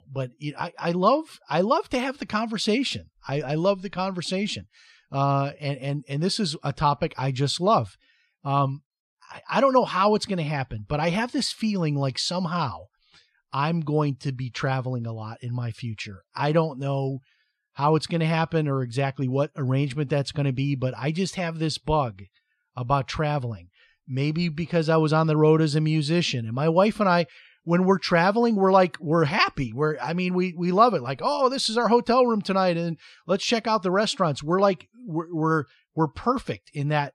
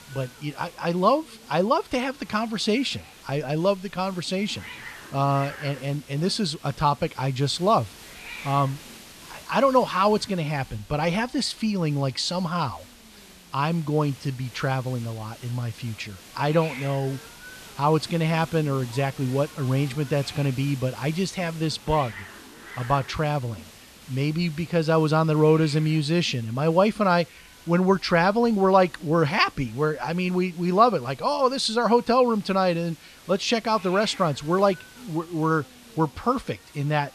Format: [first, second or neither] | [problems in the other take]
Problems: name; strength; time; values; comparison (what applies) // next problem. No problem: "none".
first | hiss; noticeable; throughout; 20 dB below the speech